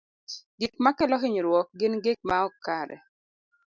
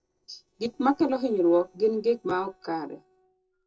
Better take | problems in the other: first | noise reduction (neural separator model SepFormer DNS4)

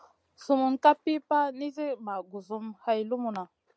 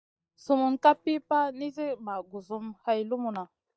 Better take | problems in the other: first | noise reduction (neural mask model DeepFilterNet 3)

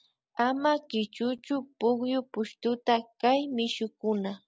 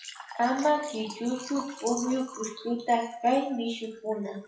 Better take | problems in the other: first | noise reduction (classical method WPE with log-MMSE)

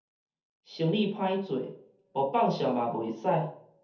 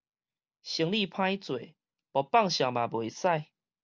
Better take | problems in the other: second | room echo; dies away in 0.5 s

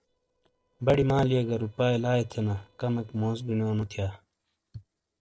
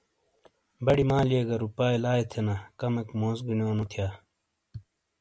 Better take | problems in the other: second | noise reduction (neural separator model SepFormer DNS4)

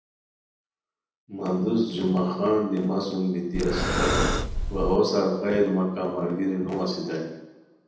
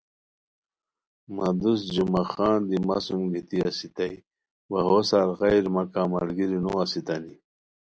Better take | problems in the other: second | background sound (Breathing); 1 dB above the speech // room echo; dies away in 0.9 s

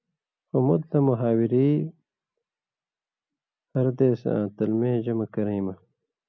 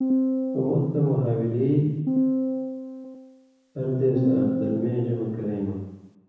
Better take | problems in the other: first | background sound (Piano); 2 dB below the speech // room echo; dies away in 1.1 s

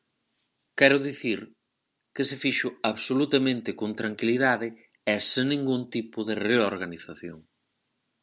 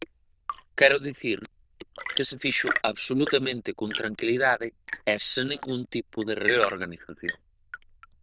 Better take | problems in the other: first | noise reduction (neural diffusion model UNIVERSE++)

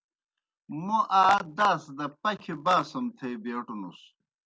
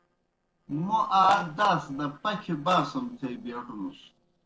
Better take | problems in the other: first | noise reduction (neural separator model SepFormer DNS4)

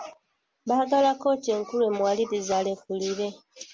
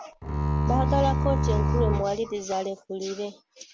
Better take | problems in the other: first | background sound (Bowed string instrument); 4 dB above the speech

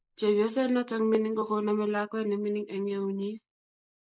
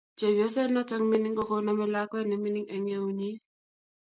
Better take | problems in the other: second | noise reduction (neural mask model Resemble Enhance denoiser)

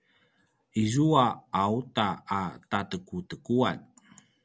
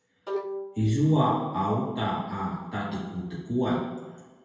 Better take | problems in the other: first | background sound (Bowed string instrument); 12 dB below the speech // room echo; dies away in 1.2 s

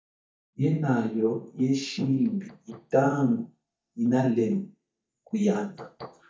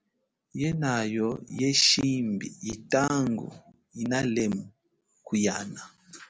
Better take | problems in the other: second | noise reduction (neural mask model DeepFilterNet 3)

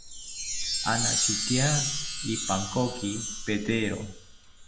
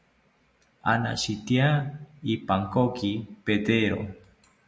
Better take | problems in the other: second | background sound (Chime); 1 dB below the speech

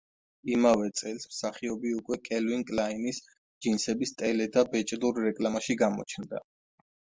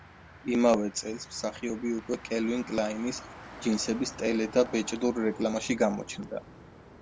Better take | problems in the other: first | background sound (Motor vehicle (road)); 17 dB below the speech

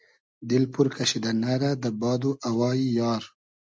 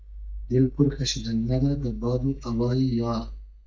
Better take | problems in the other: first | noise reduction (neural mask model DeepFilterNet 3)

